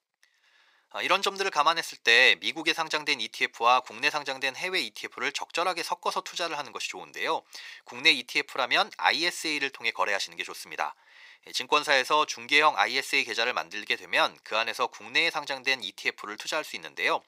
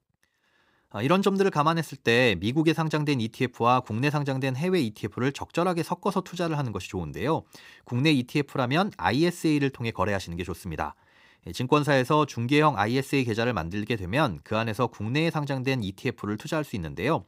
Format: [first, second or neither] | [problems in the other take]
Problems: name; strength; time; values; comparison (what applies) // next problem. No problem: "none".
second | thin; very; fading below 700 Hz